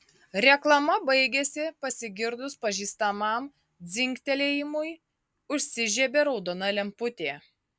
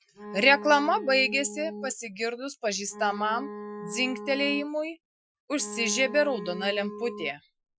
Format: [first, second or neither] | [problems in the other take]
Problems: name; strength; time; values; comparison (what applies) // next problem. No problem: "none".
first | noise reduction (classical method Wiener filter)